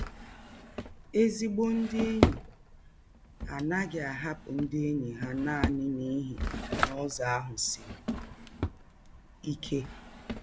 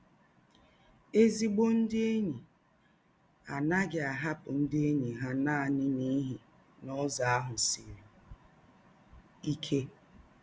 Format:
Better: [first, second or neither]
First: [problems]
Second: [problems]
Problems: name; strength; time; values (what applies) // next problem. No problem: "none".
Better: second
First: background sound (Drawer open or close); 3 dB below the speech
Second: none